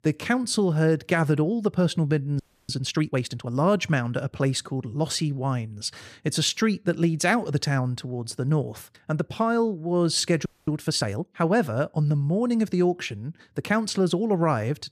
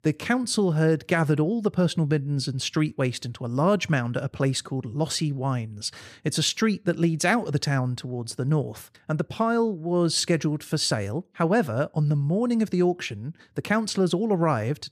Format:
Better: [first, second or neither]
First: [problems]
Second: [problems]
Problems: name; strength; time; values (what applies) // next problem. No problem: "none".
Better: second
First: audio freezing; at 2.5 s and at 10 s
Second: none